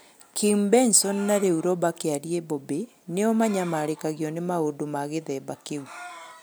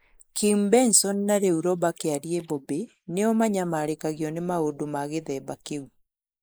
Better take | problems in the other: first | noise reduction (neural mask model Resemble Enhance denoiser)

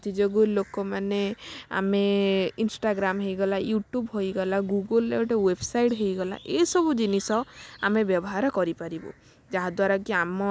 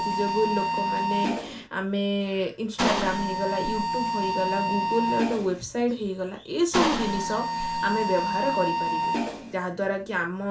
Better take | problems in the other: first | background sound (Mechanisms); as loud as the speech // room echo; dies away in 0.3 s

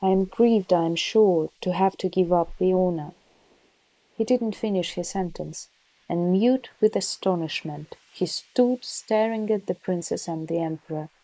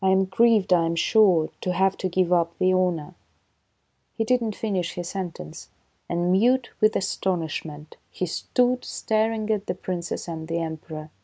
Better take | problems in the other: second | noise reduction (neural mask model Resemble Enhance denoiser)

